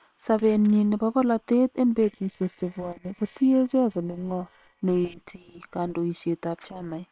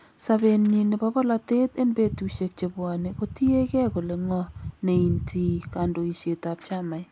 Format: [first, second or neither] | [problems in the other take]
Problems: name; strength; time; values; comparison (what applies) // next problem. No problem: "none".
second | noise reduction (neural separator model SepFormer WHAM!)